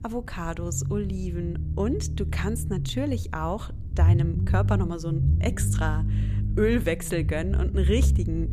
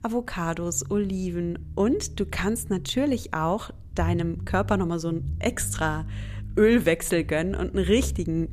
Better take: second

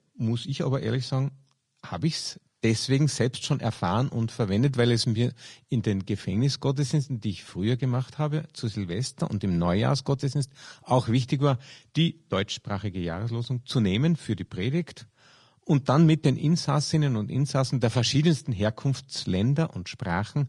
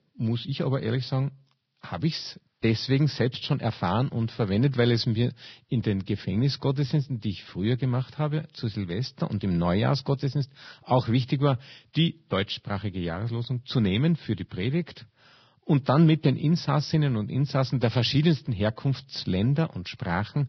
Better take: first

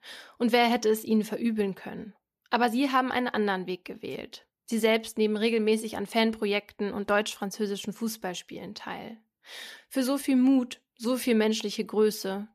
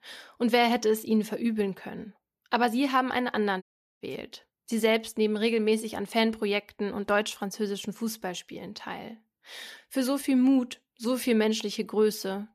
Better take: first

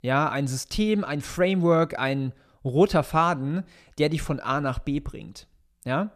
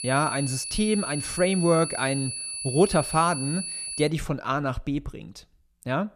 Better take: first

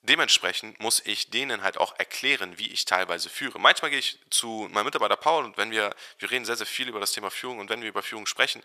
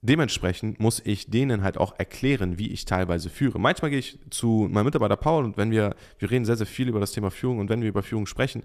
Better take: second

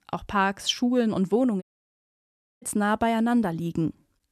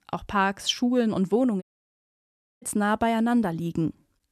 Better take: neither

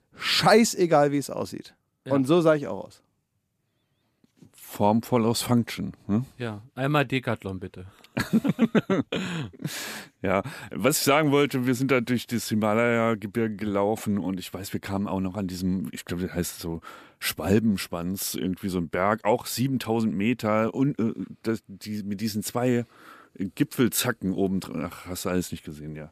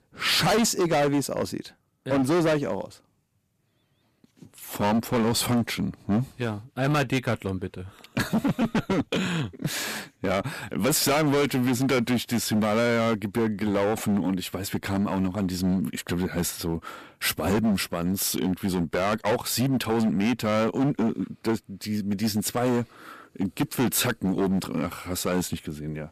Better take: first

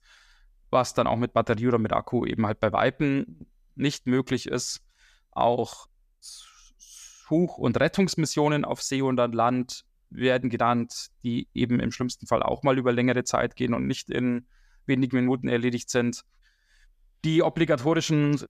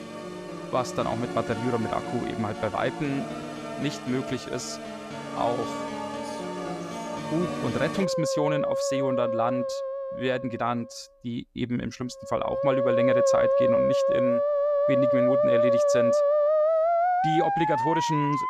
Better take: first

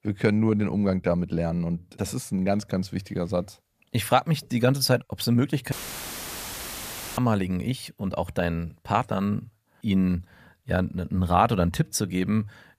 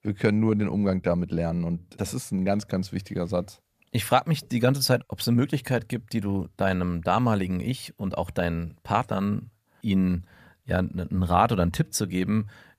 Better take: second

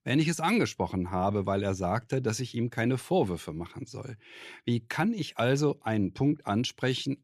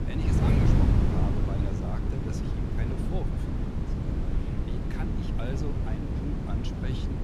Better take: first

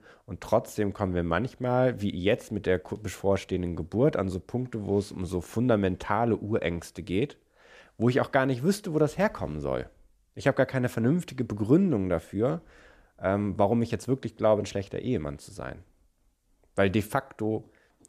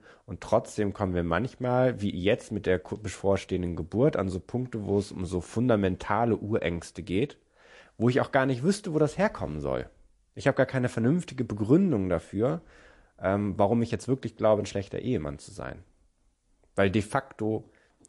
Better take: first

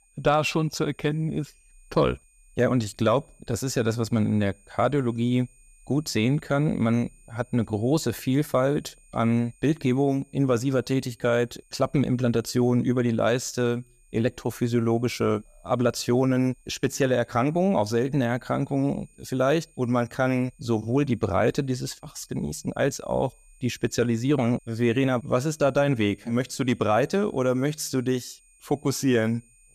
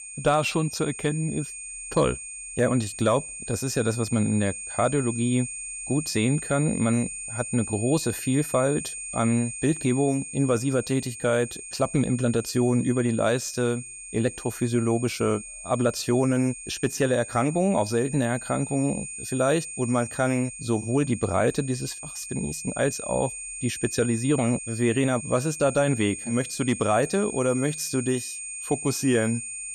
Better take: first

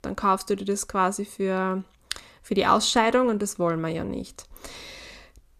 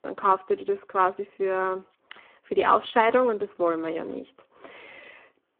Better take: first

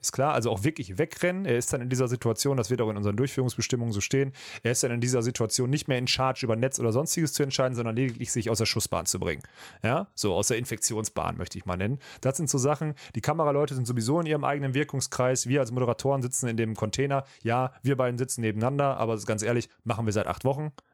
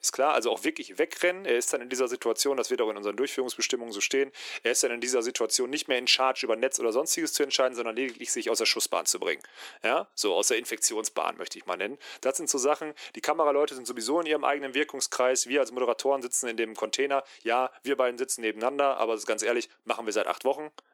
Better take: first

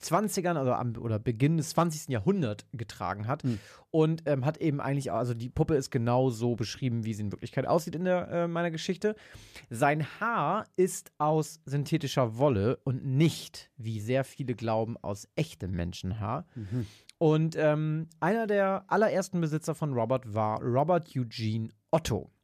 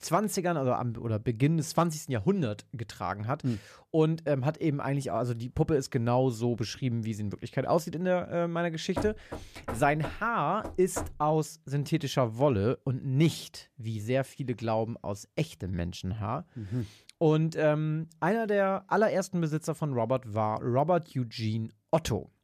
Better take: first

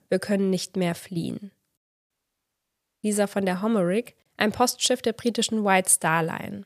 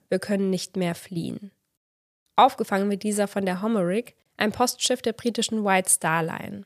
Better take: second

